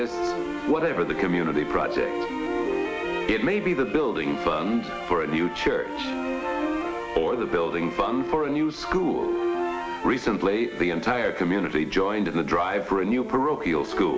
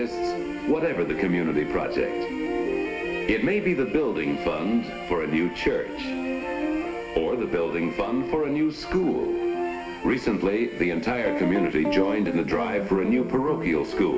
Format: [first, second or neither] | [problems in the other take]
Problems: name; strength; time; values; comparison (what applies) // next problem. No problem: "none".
first | background sound (Guitar); 5 dB below the speech // room echo; dies away in 1.4 s